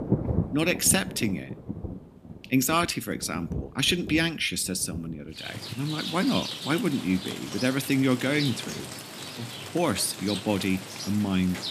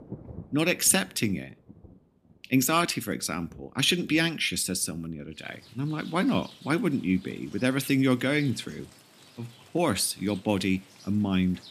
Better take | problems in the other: second | rain or running water; loud; throughout; 9 dB below the speech; faint in the second

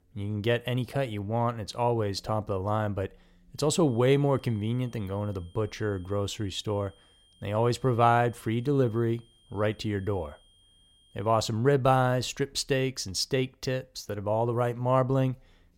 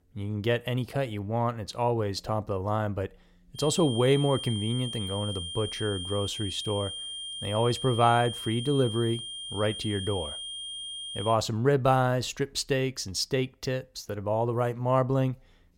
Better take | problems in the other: first | high-pitched whine; loud; from 3.5 to 11 s; 3 kHz, 7 dB below the speech; faint in the first

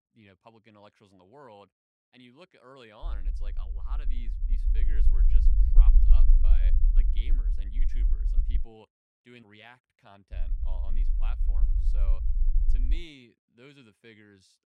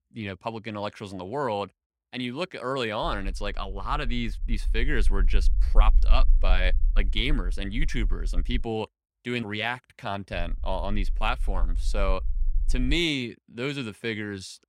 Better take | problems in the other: second | low rumble; loud; from 3 to 8.5 s and from 10 to 13 s; 2 dB below the speech; faint in the second

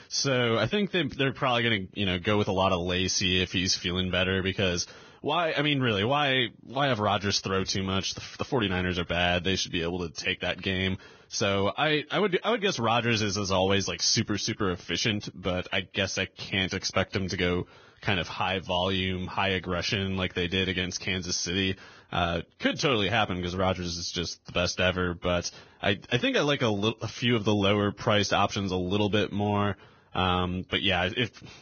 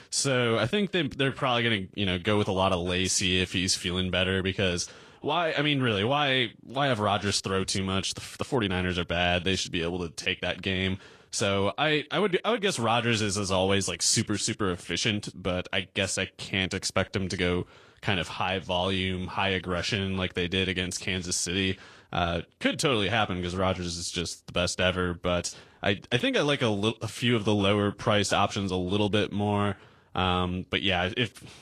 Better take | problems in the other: second | garbled, watery; badly; nothing above 6.5 kHz; slightly in the second

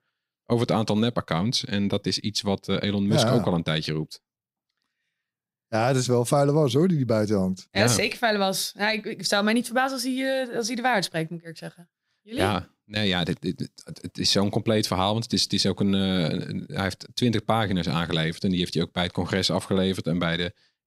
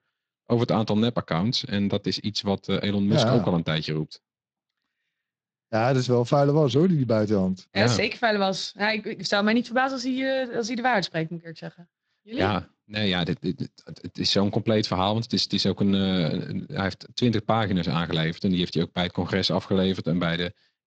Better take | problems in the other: first | garbled, watery; slightly

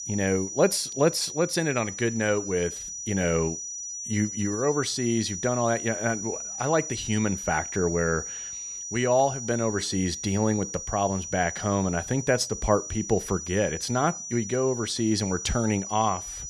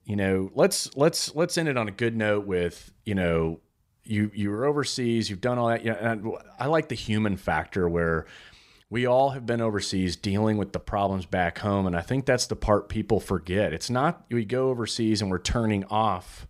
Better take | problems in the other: second | high-pitched whine; loud; throughout; 6 kHz, 7 dB below the speech

